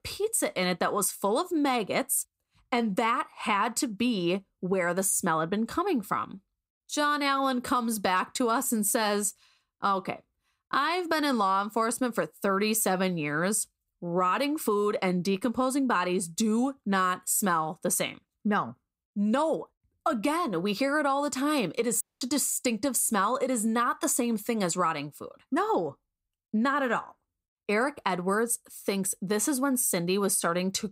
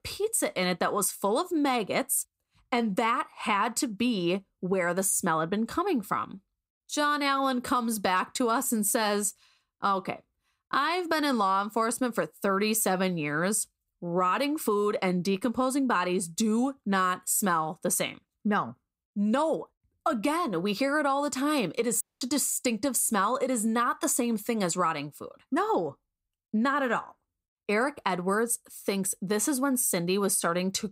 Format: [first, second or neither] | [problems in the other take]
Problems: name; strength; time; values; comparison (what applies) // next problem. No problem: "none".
neither | audio cutting out; at 22 s; the same in both